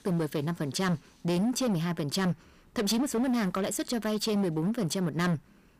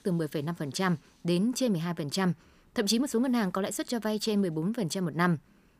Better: second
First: distortion; slight; 16% of the sound clipped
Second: none

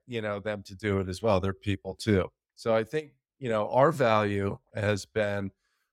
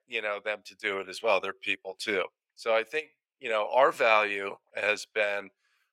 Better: first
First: none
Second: thin; very; fading below 550 Hz

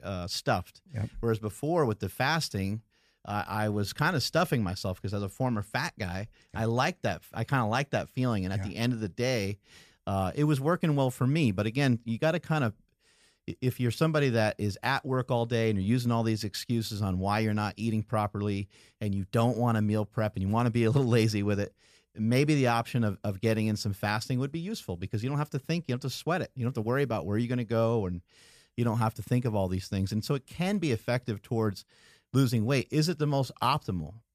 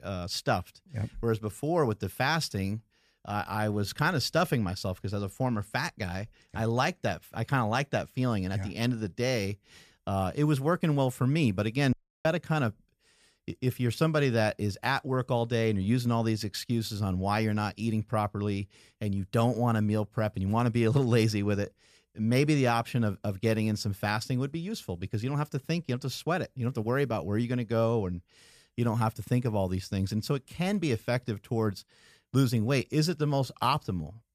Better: first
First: none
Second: audio cutting out; at 12 s

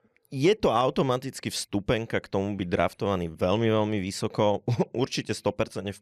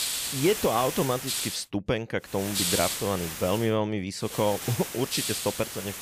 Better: first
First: none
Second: hiss; loud; until 1.5 s, from 2.5 to 3.5 s and from 4.5 s on; 2 dB below the speech

